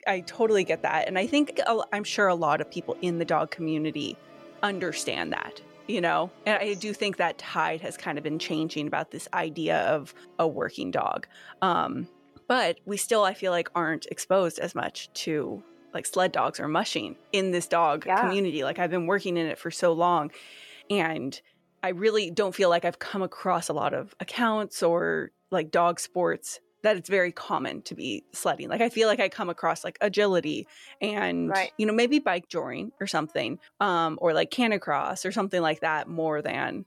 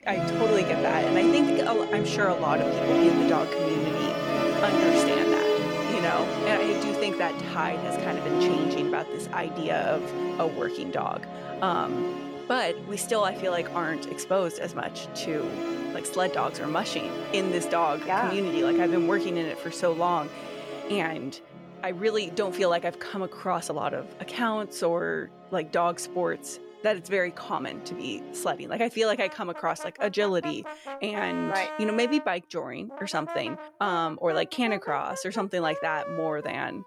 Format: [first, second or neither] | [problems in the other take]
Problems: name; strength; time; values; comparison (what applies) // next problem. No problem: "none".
first | background music; loud; throughout; as loud as the speech; faint in the first